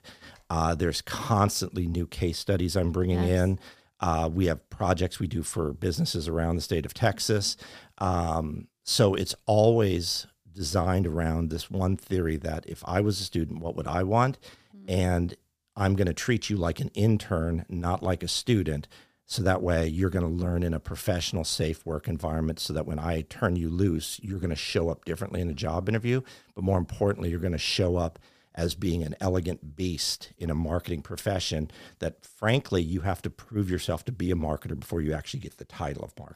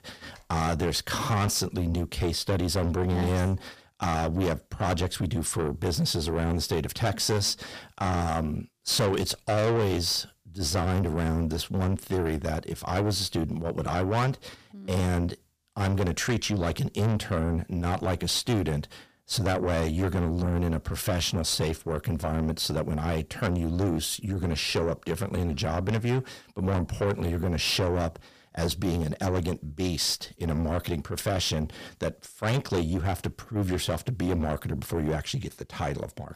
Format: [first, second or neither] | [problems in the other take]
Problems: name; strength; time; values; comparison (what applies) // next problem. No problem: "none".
first | distortion; heavy; 6 dB below the speech